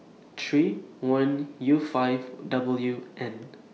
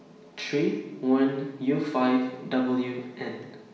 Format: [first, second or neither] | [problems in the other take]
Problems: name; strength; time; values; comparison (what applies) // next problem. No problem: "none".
first | room echo; dies away in 1 s